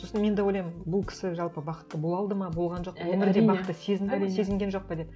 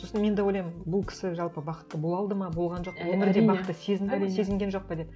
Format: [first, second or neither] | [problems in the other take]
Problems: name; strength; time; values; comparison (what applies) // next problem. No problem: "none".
first | background sound (Piano); 20 dB below the speech